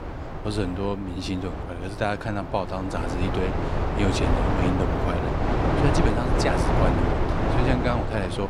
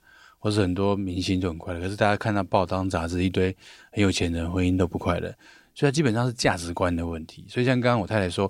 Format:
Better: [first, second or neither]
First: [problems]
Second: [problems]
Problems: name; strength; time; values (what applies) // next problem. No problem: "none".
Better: second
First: wind noise on the microphone; heavy; 2 dB above the speech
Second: none